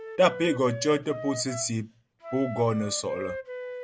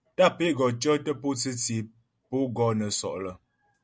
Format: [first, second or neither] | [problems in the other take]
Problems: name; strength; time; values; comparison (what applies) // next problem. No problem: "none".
second | background sound (Wind instrument, woodwind instrument); 10 dB below the speech